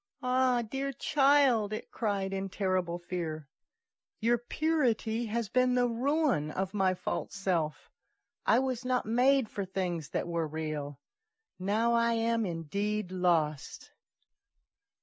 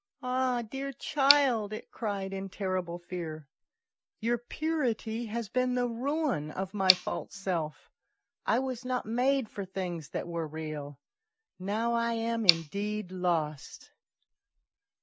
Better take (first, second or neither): first